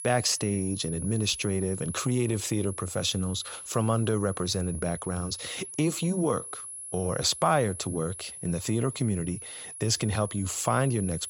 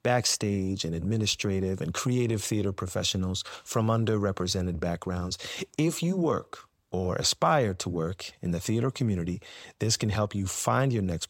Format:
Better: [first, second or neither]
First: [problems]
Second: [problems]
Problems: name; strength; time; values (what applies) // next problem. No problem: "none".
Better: second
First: high-pitched whine; loud; throughout; 10.5 kHz, 9 dB below the speech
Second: none